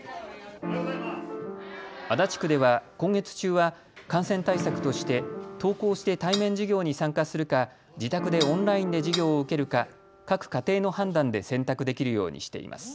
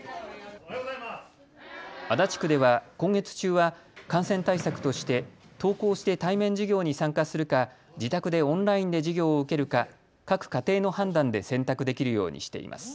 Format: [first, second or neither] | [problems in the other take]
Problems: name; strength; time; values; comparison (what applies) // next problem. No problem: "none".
second | background sound (Piano + Cutlery, silverware / Dishes, pots, and pans); 10 dB below the speech